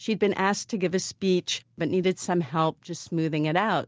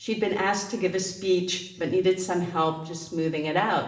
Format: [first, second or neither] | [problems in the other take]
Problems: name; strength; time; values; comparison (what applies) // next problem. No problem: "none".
first | room echo; dies away in 0.8 s